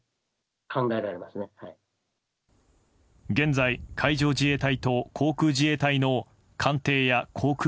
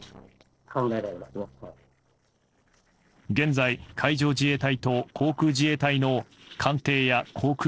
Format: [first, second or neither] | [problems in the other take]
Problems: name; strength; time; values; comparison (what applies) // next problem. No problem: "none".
first | noise reduction (neural separator model SepFormer DNS4)